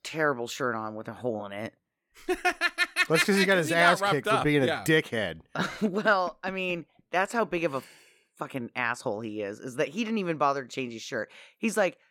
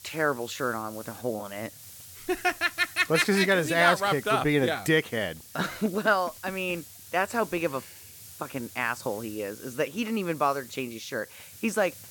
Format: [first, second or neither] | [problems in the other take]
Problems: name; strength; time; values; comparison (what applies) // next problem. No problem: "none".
first | hiss; noticeable; throughout; 15 dB below the speech